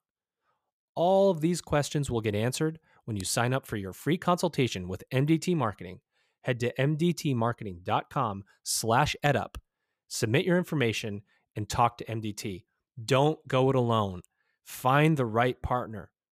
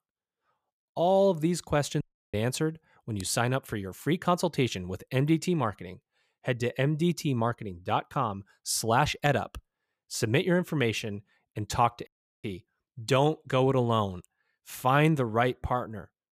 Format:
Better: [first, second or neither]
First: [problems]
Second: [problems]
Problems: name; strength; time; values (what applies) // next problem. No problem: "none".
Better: first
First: none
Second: audio cutting out; at 2 s and at 12 s